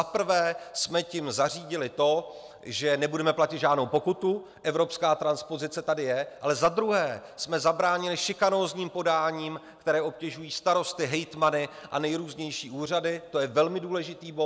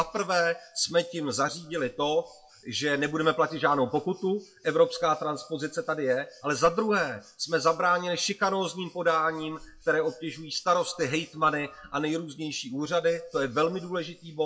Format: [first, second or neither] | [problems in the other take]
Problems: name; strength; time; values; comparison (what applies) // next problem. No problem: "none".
first | noise reduction (classical method WPE with log-MMSE)